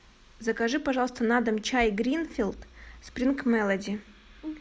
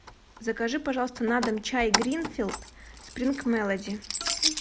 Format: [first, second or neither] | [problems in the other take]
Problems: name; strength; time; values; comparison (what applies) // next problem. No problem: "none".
first | background sound (Keys jangling); 4 dB below the speech